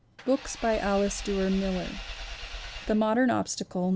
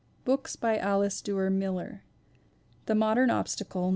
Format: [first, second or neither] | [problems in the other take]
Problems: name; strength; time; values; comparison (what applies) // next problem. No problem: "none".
second | background sound (Engine / Vehicle); 12 dB below the speech